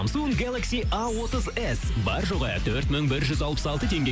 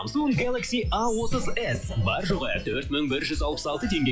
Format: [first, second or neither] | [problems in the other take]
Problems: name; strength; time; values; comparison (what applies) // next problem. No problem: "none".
first | noise reduction (classical method log-MMSE)